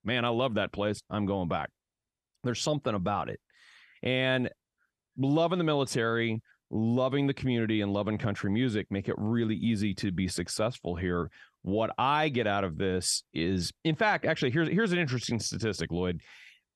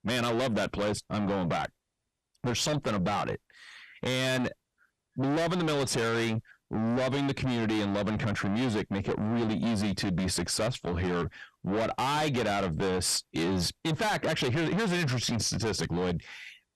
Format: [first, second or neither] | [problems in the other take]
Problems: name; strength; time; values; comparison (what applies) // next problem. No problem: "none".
first | distortion; heavy; 5 dB below the speech